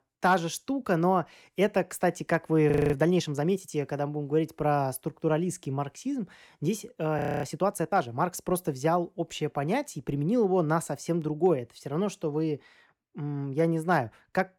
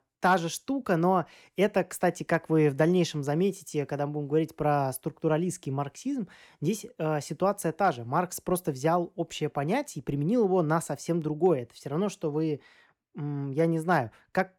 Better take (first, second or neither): second